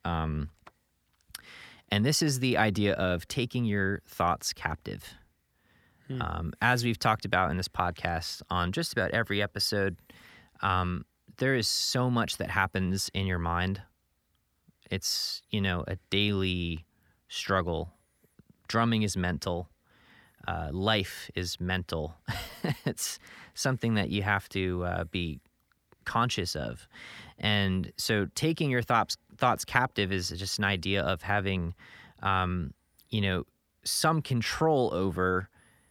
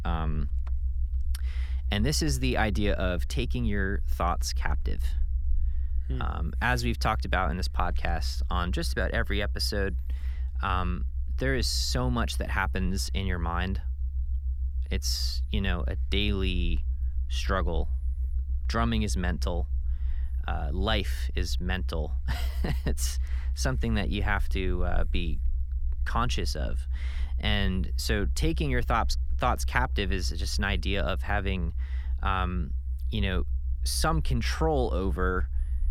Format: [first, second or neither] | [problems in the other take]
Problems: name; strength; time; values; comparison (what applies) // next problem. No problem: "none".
first | low rumble; faint; throughout; 20 dB below the speech